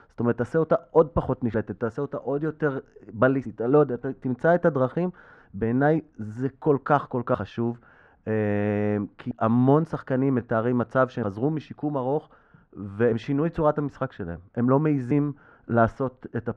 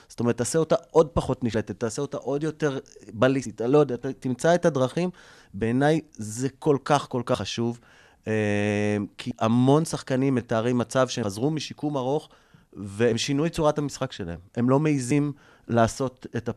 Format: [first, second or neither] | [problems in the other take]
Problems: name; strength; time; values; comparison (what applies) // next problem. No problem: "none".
second | muffled; very; fading above 3.5 kHz